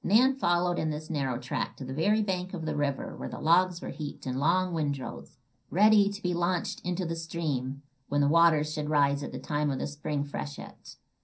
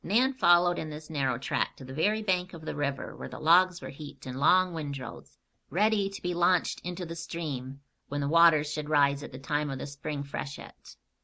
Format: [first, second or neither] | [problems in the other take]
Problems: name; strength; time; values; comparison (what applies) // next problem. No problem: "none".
second | room echo; dies away in 0.3 s